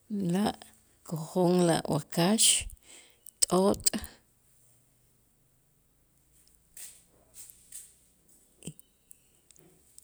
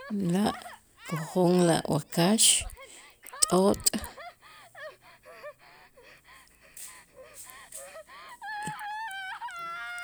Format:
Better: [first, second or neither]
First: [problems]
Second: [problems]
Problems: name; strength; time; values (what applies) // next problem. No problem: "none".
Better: first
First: none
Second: background sound (Gasp); 13 dB below the speech